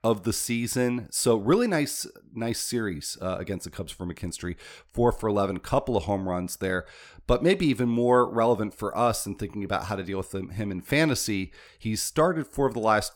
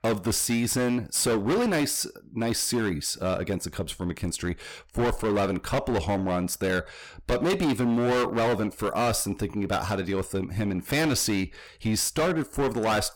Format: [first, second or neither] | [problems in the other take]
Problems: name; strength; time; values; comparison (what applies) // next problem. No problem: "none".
first | distortion; heavy; 17% of the sound clipped